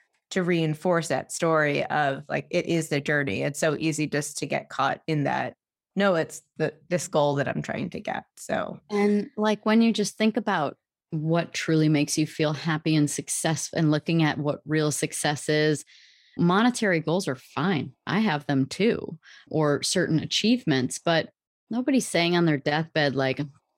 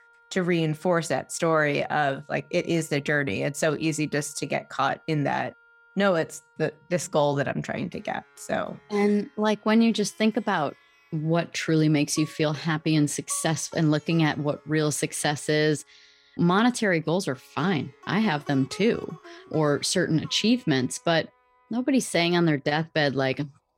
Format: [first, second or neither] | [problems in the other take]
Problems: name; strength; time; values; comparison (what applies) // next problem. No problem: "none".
first | background music; faint; throughout; 25 dB below the speech